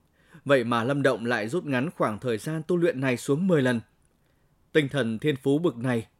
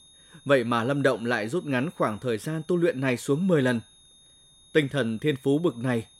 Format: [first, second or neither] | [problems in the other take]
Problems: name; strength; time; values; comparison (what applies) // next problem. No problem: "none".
first | high-pitched whine; faint; throughout; 3.5 kHz, 30 dB below the speech